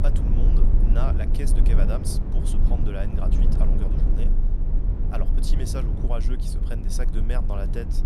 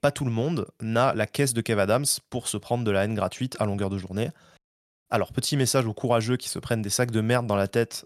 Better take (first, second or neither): second